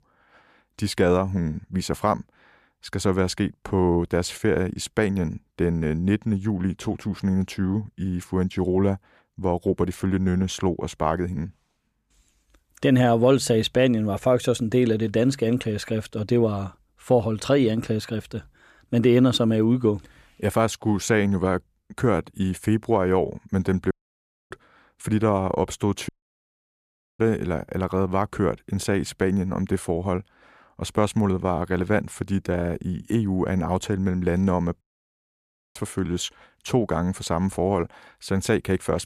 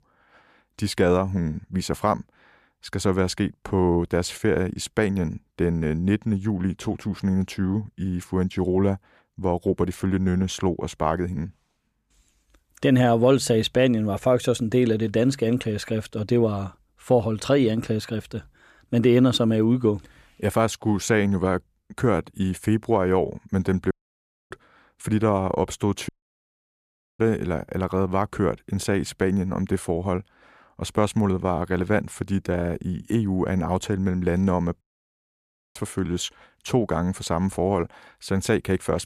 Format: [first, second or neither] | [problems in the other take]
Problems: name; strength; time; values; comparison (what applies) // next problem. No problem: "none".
neither | audio cutting out; at 24 s for 0.5 s, at 26 s for 1 s and at 35 s for 1 s; the same in both